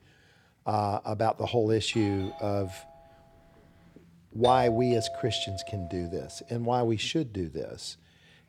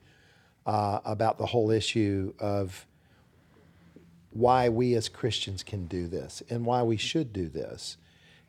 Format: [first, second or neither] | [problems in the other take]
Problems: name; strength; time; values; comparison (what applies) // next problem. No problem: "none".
second | doorbell; faint; from 2 to 3.5 s; peak 15 dB below the speech // doorbell; noticeable; from 4.5 to 6 s; peak 2 dB below the speech